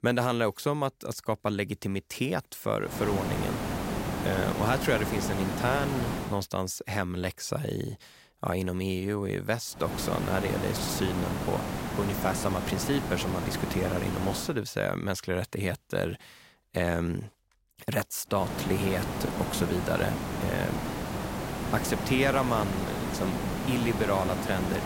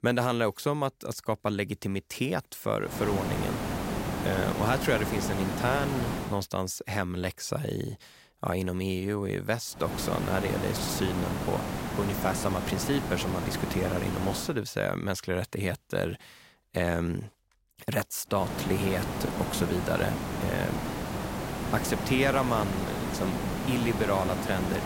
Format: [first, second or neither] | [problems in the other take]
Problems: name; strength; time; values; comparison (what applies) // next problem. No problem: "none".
neither | hiss; loud; from 3 to 6.5 s, from 10 to 14 s and from 18 s on; 2 dB below the speech; the same in both